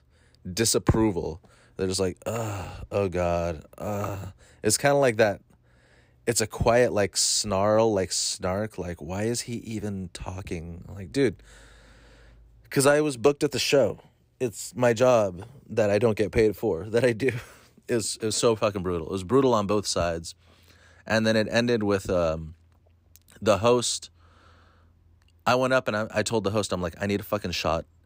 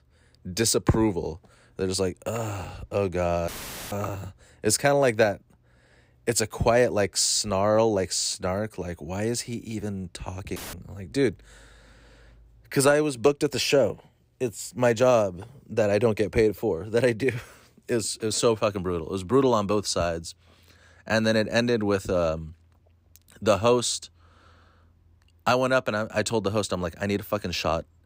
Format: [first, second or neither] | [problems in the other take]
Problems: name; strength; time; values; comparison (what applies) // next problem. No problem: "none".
first | audio cutting out; filled with static; at 3.5 s and at 11 s